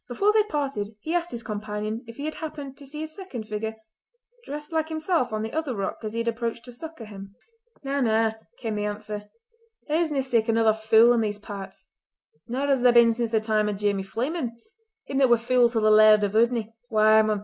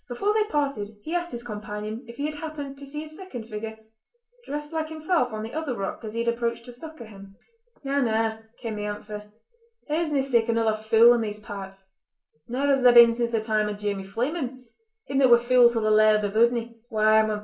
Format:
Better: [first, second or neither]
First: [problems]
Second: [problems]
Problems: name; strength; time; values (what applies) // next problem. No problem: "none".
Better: first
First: none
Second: room echo; dies away in 0.3 s